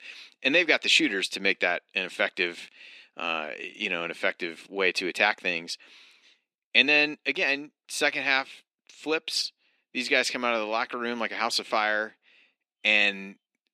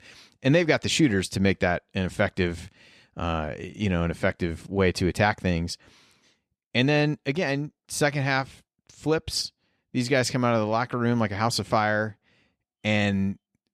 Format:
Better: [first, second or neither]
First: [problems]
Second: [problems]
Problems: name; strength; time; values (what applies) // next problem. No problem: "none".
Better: second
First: thin; somewhat; fading below 250 Hz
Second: none